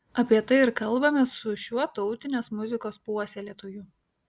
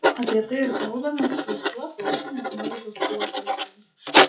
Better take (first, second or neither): first